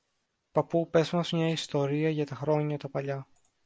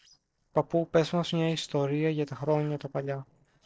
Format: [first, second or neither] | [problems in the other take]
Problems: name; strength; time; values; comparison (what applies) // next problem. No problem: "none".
first | noise reduction (neural separator model SepFormer DNS4)